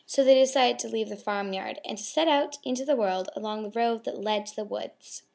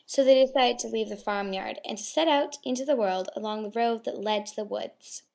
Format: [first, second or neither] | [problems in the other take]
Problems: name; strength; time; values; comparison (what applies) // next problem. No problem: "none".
first | noise reduction (neural mask model Resemble Enhance denoiser)